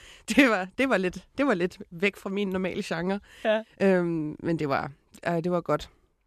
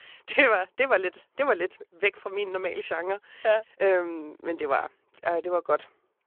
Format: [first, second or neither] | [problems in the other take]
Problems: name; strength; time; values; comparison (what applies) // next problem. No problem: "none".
first | phone-call audio